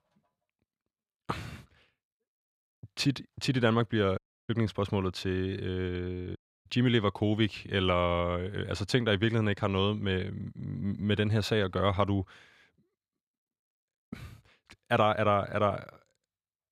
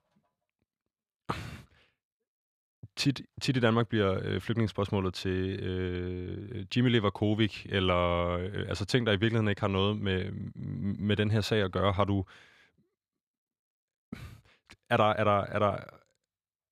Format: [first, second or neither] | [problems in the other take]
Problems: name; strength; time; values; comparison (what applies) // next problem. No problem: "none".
second | audio cutting out; at 4 s and at 6.5 s